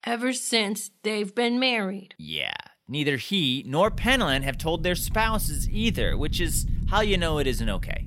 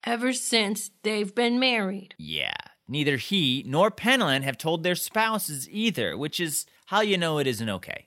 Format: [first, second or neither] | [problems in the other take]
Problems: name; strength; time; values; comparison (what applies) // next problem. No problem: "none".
second | low rumble; faint; from 4 s on; 20 dB below the speech